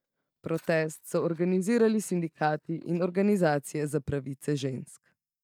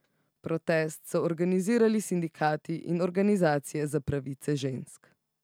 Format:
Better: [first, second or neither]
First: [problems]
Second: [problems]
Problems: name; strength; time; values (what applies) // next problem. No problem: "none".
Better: second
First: noise reduction (neural mask model DeepFilterNet 3)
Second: none